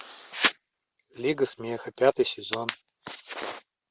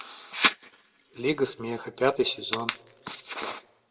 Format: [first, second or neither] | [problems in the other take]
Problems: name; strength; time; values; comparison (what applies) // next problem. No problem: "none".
first | room echo; dies away in 0.8 s